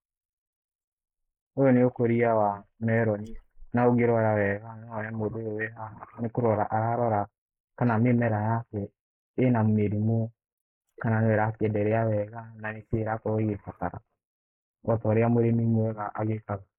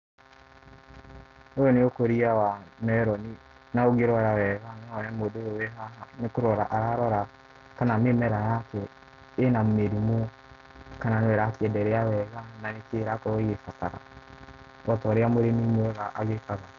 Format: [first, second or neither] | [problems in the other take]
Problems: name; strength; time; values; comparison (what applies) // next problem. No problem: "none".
second | noise reduction (neural mask model Resemble Enhance denoiser)